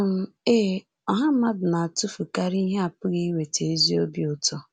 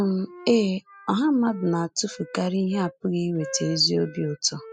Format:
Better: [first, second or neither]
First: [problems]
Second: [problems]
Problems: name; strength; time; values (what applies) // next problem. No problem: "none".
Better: first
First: none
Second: noise reduction (classical method spectral subtraction)